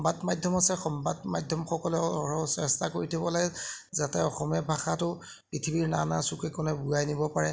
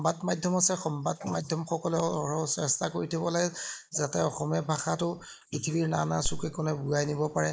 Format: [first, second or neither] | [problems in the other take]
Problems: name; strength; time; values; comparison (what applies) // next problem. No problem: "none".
first | noise reduction (neural mask model Resemble Enhance denoiser)